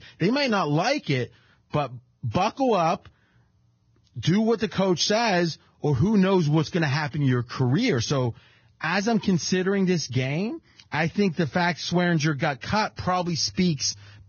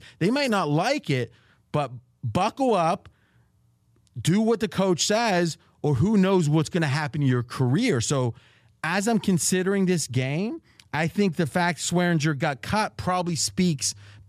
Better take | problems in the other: second | garbled, watery; badly; nothing above 6.5 kHz

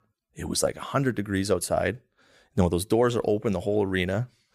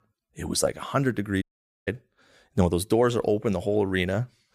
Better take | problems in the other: first | audio cutting out; at 1.5 s

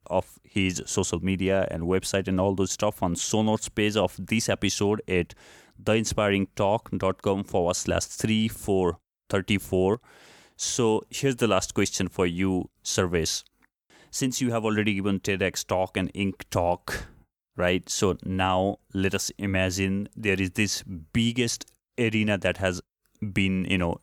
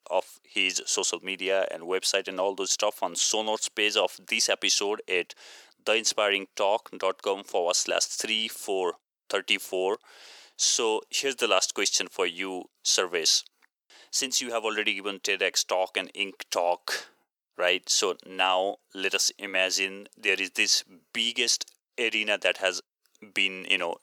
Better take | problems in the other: first | thin; very; fading below 400 Hz

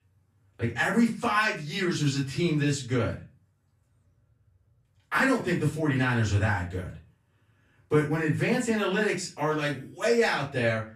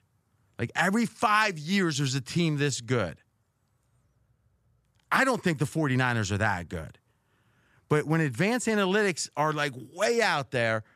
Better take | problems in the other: second | off-mic speech; far // room echo; slight; dies away in 0.3 s

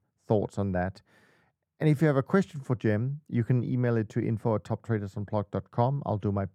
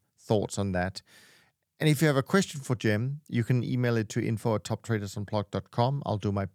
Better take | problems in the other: second | muffled; slightly; fading above 2 kHz

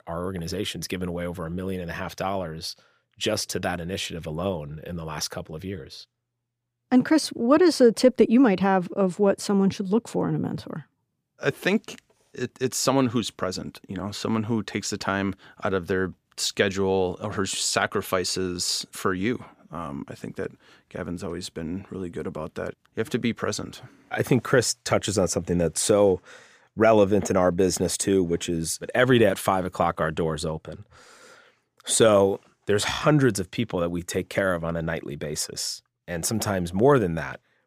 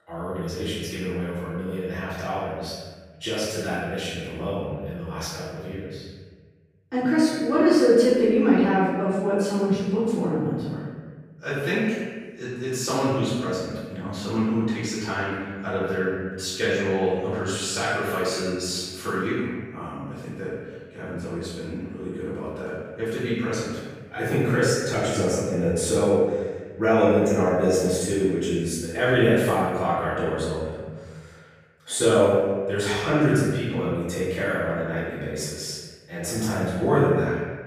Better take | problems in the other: first | room echo; strong; dies away in 1.4 s // off-mic speech; far

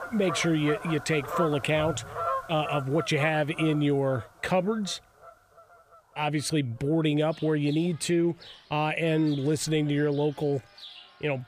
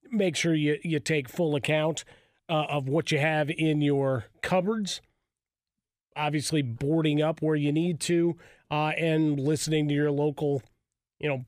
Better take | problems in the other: second | animal sounds; noticeable; throughout; 10 dB below the speech

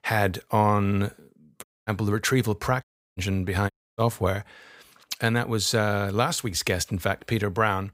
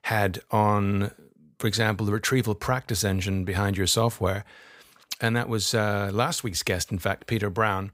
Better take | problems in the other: second | audio cutting out; at 1.5 s, at 3 s and at 3.5 s

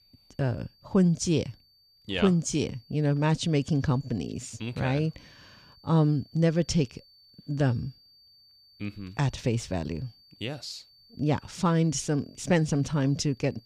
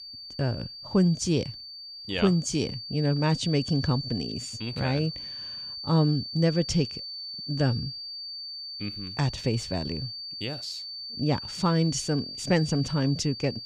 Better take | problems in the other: first | high-pitched whine; loud; throughout; 4.5 kHz, 8 dB below the speech; faint in the first

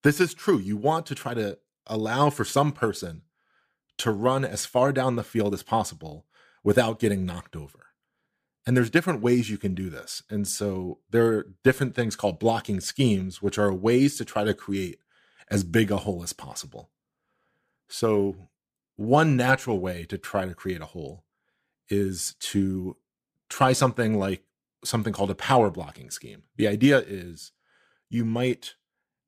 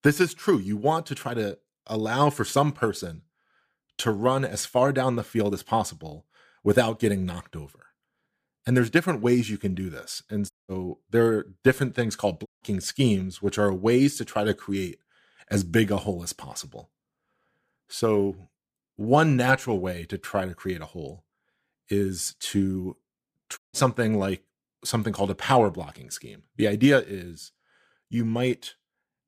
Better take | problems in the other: first | audio cutting out; at 11 s, at 12 s and at 24 s

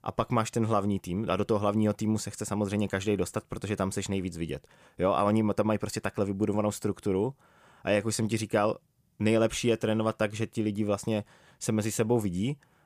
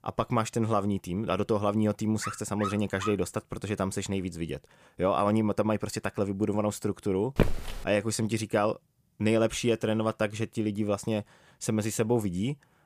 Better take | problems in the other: first | dog barking; noticeable; at 2 s; peak 8 dB below the speech // footsteps; loud; at 7.5 s; peak level with the speech

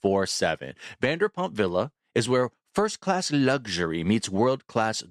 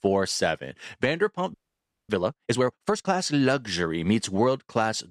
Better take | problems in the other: first | audio freezing; at 1.5 s for 0.5 s

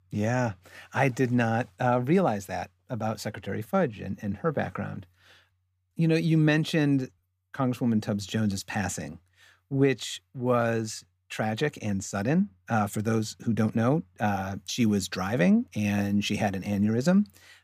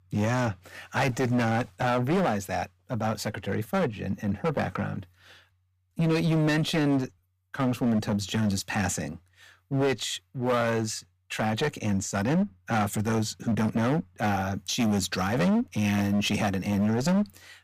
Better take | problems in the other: first | distortion; heavy; 14% of the sound clipped

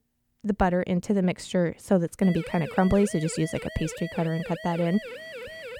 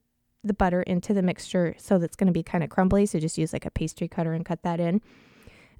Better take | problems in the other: second | siren; faint; from 2 s on; peak 10 dB below the speech

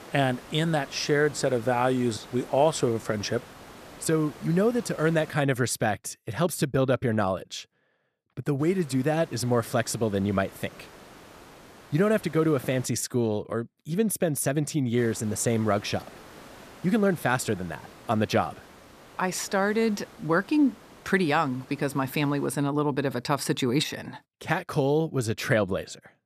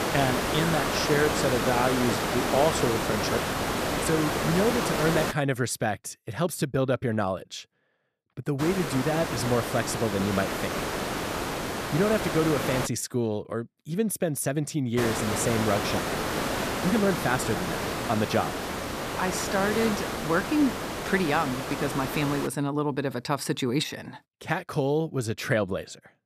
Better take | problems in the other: first | hiss; loud; until 5.5 s, from 8.5 to 13 s and from 15 to 22 s; 1 dB below the speech; faint in the first

